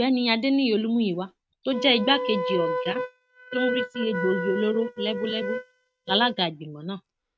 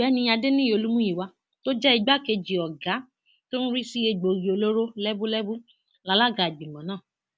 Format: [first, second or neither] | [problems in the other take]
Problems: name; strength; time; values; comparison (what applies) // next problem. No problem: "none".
second | noise reduction (neural mask model RNNoise)